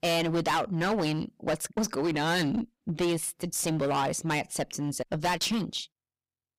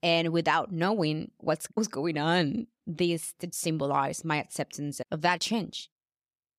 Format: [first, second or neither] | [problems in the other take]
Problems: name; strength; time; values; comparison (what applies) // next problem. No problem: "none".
second | distortion; heavy; 15% of the sound clipped